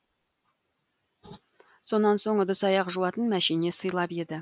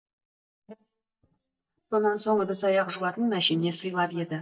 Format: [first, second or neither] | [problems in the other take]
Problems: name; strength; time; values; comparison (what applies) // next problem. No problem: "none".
first | noise reduction (neural mask model DeepFilterNet 3)